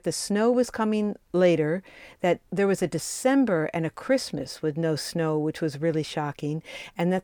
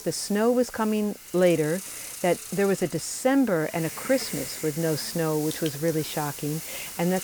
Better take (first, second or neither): first